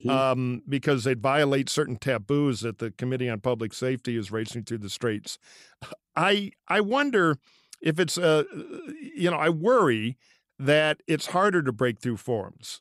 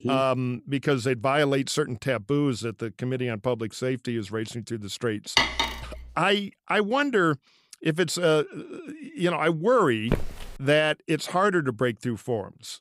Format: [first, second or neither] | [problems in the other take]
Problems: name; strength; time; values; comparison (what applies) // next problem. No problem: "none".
first | clattering dishes; loud; at 5.5 s; peak 4 dB above the speech // footsteps; noticeable; at 10 s; peak 5 dB below the speech